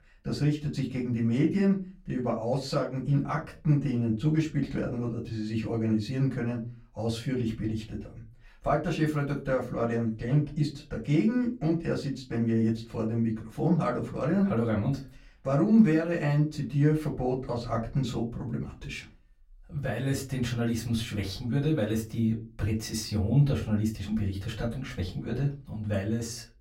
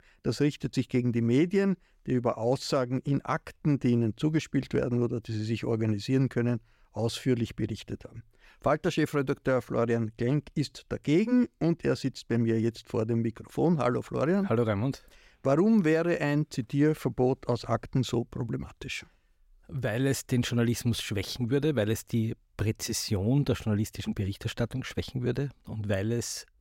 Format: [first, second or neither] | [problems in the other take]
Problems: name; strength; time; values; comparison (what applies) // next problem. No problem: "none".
second | off-mic speech; far // room echo; very slight; dies away in 0.3 s